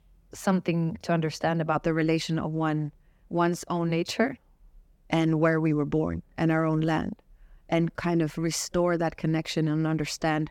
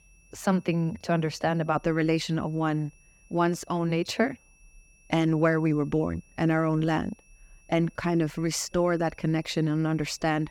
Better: first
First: none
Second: high-pitched whine; faint; throughout; 2.5 kHz, 30 dB below the speech

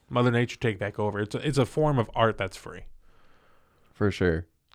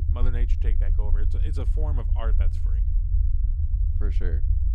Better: first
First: none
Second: low rumble; loud; throughout; 4 dB below the speech

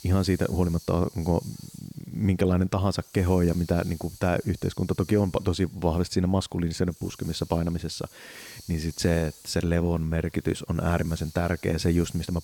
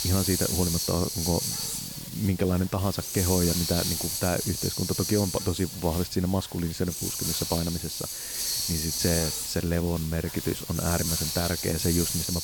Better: first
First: hiss; faint; throughout; 20 dB below the speech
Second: hiss; loud; throughout; 1 dB below the speech

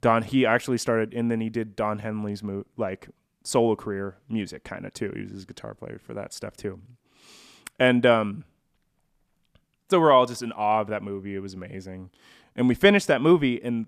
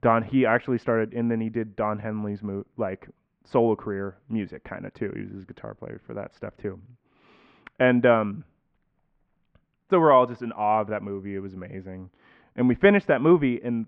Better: first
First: none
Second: muffled; very; fading above 2 kHz

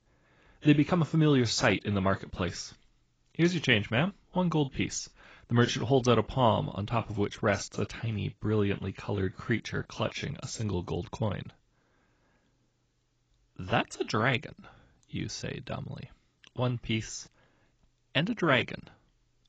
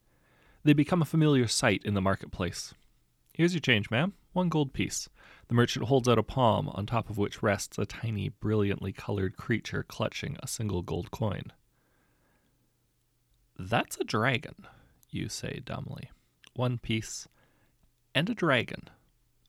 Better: second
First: garbled, watery; badly; nothing above 7.5 kHz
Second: none

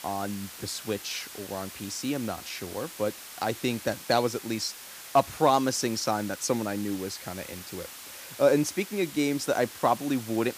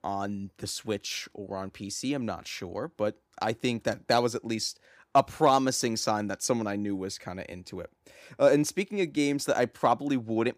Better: second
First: hiss; noticeable; throughout; 10 dB below the speech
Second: none

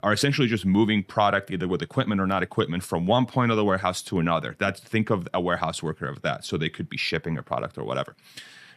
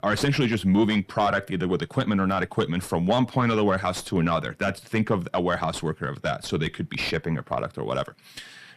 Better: first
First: none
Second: distortion; slight; 10 dB below the speech

